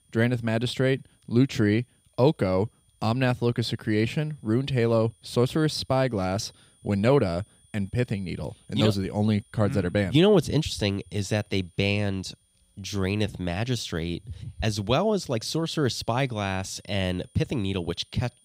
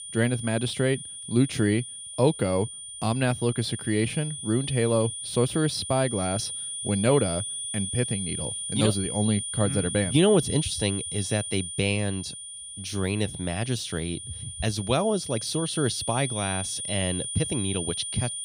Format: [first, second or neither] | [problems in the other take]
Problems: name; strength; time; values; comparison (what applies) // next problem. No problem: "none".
first | high-pitched whine; loud; throughout; 9.5 kHz, 6 dB below the speech; faint in the first